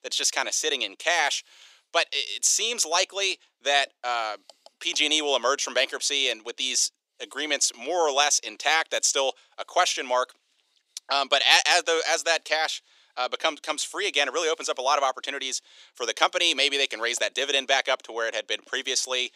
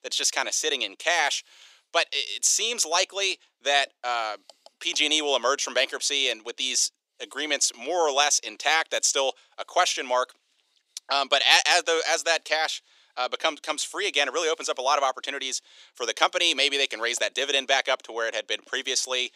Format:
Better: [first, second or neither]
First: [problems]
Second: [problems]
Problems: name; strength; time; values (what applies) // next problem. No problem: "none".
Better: neither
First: thin; very; fading below 400 Hz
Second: thin; very; fading below 400 Hz